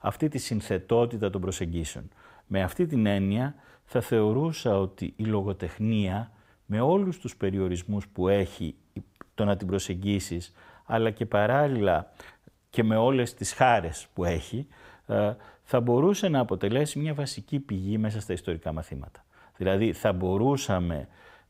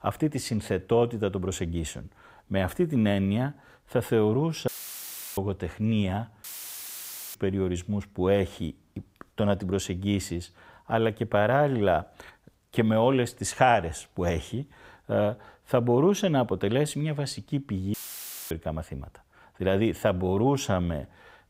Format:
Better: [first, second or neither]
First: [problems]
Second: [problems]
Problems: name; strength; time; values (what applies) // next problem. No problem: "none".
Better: first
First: none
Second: audio cutting out; filled with static; at 4.5 s for 0.5 s, at 6.5 s for 1 s and at 18 s for 0.5 s